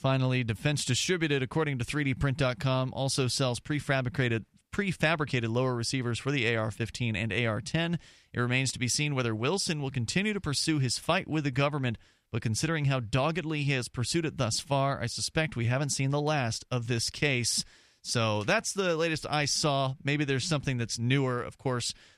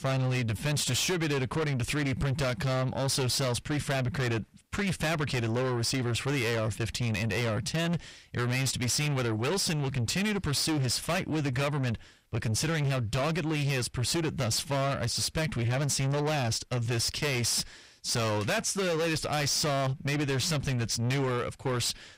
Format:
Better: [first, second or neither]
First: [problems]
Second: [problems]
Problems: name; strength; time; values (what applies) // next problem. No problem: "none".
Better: first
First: none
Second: distortion; heavy; 6 dB below the speech